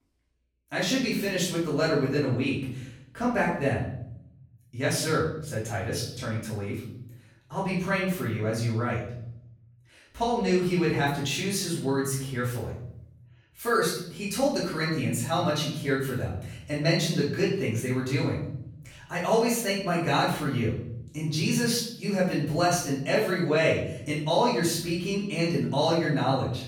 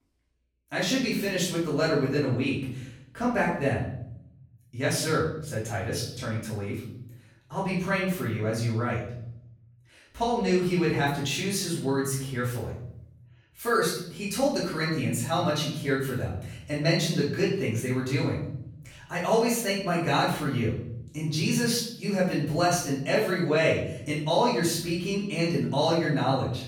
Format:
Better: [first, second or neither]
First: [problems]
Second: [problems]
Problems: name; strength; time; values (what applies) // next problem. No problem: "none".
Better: neither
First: off-mic speech; far // room echo; noticeable; dies away in 0.9 s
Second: off-mic speech; far // room echo; noticeable; dies away in 0.9 s